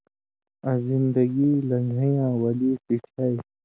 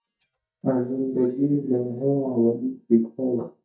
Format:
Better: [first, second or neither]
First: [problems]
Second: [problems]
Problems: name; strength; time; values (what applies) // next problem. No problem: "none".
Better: first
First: none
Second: noise reduction (neural mask model DeepFilterNet 3)